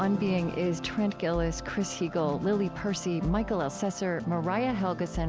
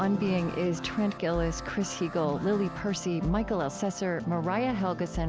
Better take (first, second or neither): first